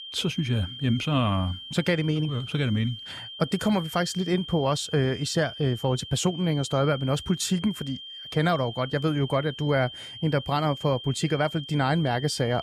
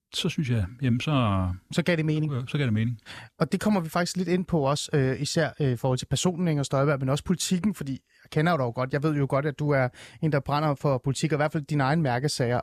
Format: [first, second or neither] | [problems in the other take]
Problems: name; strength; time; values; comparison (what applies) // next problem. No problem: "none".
second | high-pitched whine; noticeable; throughout; 3 kHz, 10 dB below the speech